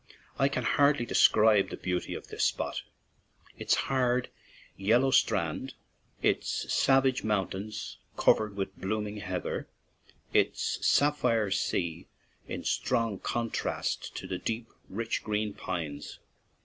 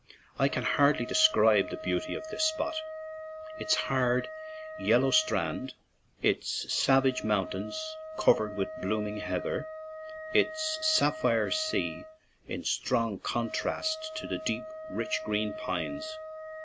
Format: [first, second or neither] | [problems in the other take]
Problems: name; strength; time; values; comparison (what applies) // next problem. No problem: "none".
first | background sound (Wind instrument, woodwind instrument); 11 dB below the speech